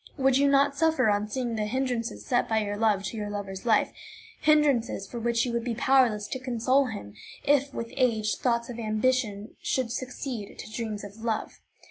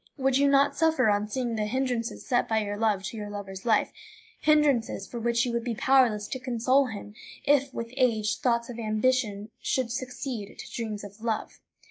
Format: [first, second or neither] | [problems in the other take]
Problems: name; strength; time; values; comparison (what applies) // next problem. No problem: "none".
first | noise reduction (neural mask model DeepFilterNet 3)